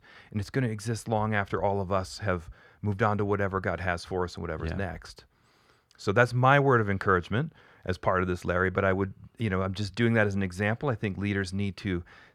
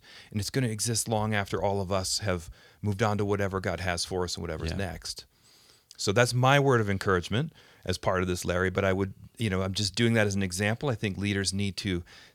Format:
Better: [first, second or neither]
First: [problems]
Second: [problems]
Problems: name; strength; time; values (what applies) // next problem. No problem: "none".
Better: second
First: muffled; slightly; fading above 3 kHz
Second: none